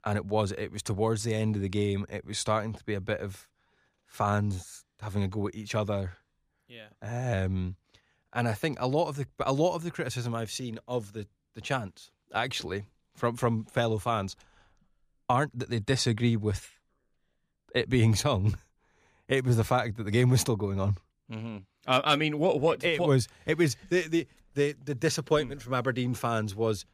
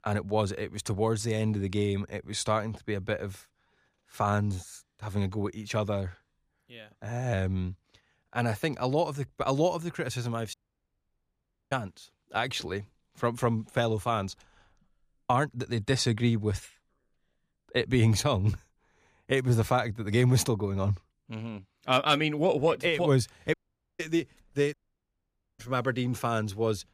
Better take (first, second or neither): first